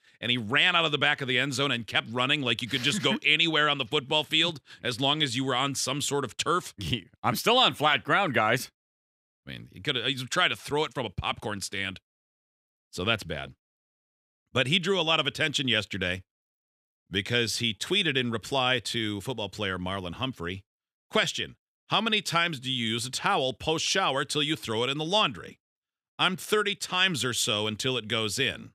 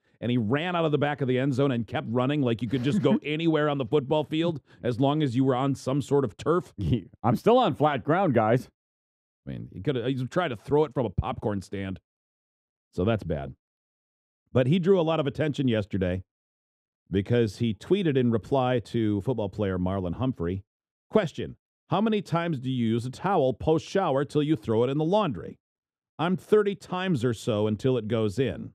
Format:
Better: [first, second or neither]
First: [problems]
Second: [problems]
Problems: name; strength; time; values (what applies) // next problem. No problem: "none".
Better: first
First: none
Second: muffled; very; fading above 1 kHz